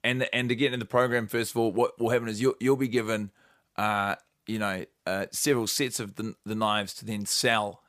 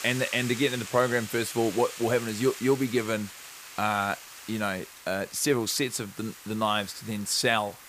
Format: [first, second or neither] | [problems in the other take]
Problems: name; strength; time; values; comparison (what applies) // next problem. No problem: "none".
first | hiss; noticeable; throughout; 15 dB below the speech